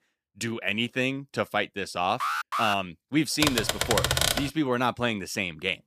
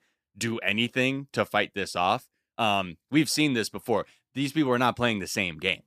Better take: second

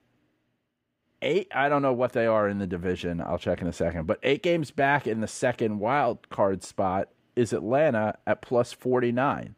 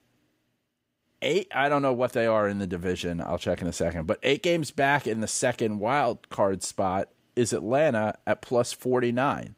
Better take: second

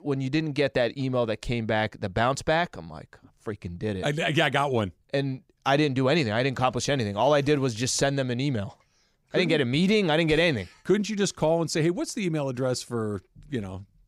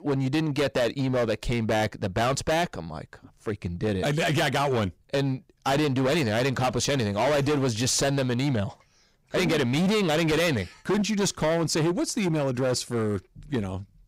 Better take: first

